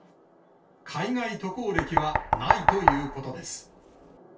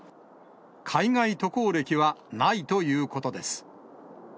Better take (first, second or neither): second